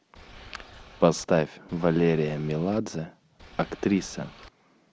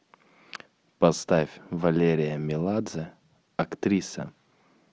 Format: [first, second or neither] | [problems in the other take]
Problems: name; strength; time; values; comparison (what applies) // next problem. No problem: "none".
second | background sound (Boat, Water vehicle); 19 dB below the speech